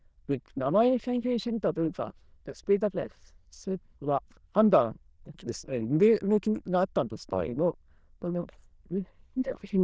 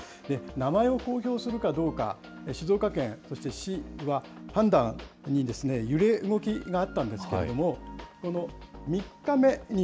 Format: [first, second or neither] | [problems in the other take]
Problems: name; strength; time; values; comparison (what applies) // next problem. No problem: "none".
second | noise reduction (neural diffusion model UNIVERSE++)